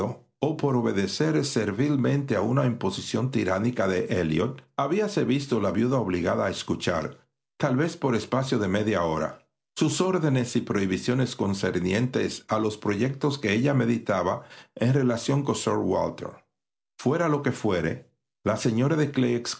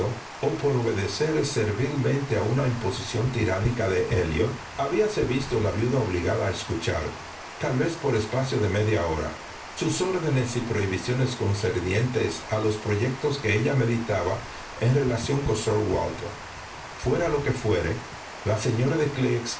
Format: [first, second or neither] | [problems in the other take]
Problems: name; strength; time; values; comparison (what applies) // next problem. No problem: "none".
first | background sound (Water); 12 dB below the speech // room echo; dies away in 0.3 s